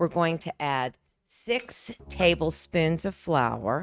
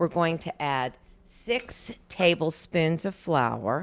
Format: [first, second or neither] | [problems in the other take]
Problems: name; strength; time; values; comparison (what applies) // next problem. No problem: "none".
second | noise reduction (neural mask model RNNoise)